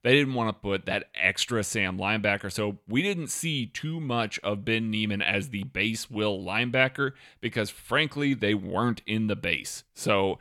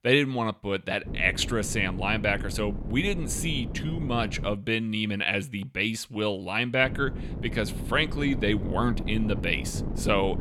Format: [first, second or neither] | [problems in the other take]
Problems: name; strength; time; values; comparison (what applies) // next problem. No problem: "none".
first | wind noise on the microphone; occasional gusts; from 1 to 4.5 s and from 7 s on; 15 dB below the speech